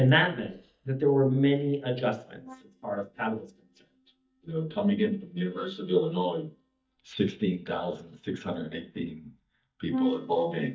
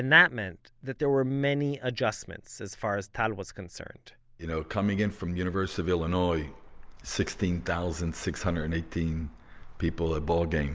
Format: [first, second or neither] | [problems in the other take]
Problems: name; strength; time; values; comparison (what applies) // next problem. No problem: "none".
second | noise reduction (neural mask model DeepFilterNet 3)